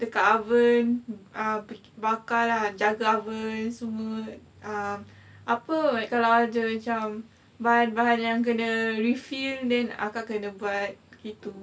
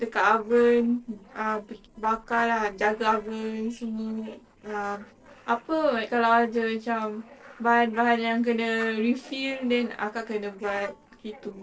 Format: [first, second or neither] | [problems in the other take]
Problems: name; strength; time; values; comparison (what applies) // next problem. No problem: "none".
first | noise reduction (neural separator model SepFormer DNS4)